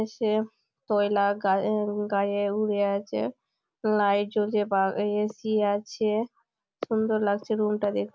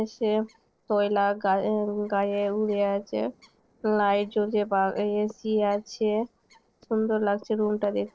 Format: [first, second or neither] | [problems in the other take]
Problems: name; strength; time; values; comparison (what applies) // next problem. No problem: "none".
first | noise reduction (neural separator model SepFormer DNS4)